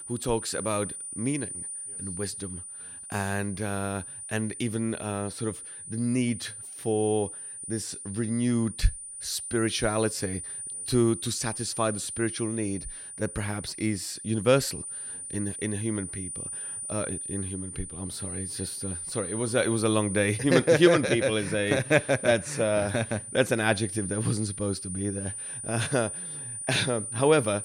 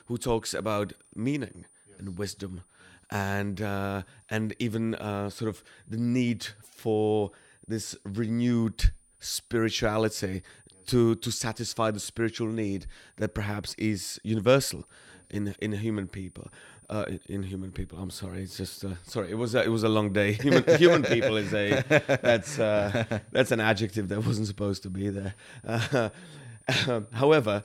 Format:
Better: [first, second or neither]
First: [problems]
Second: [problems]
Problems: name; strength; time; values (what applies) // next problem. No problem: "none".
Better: second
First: high-pitched whine; loud; throughout; 9.5 kHz, 7 dB below the speech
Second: high-pitched whine; faint; throughout; 9.5 kHz, 30 dB below the speech